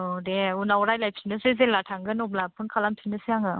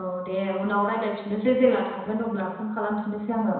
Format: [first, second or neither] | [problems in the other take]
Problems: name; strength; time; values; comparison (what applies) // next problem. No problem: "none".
first | room echo; dies away in 1 s